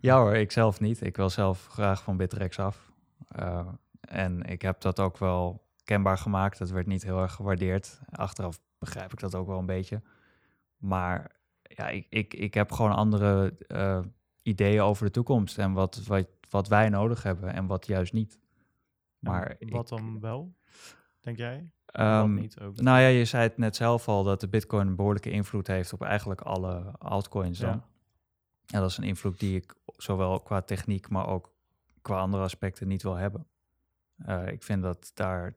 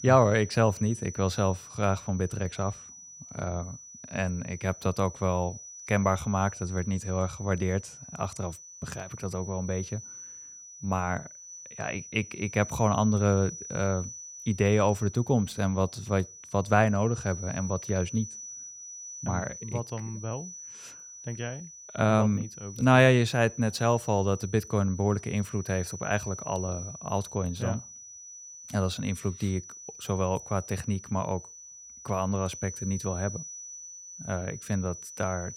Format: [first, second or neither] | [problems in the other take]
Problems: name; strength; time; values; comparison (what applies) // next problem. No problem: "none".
first | high-pitched whine; noticeable; throughout; 6 kHz, 15 dB below the speech